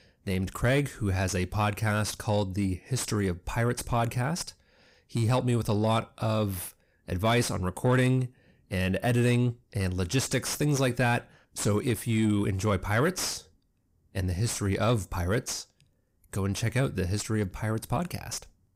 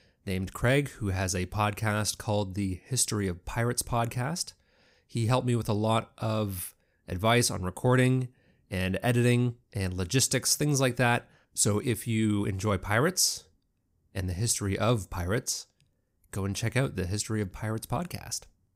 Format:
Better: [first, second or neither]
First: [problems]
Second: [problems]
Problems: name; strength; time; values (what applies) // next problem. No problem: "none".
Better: second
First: distortion; slight; 10 dB below the speech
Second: none